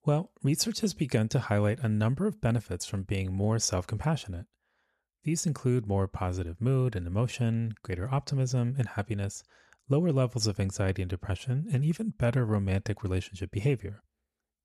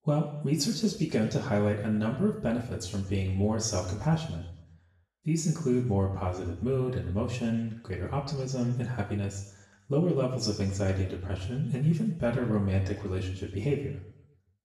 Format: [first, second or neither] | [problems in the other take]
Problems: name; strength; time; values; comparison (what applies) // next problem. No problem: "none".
first | room echo; noticeable; dies away in 0.8 s // off-mic speech; far